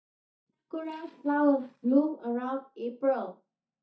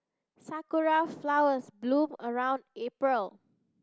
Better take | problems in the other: second | noise reduction (neural mask model DeepFilterNet 3)

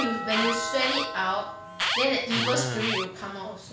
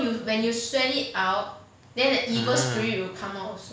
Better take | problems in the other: second | background sound (Doorbell + Alarm); 3 dB below the speech

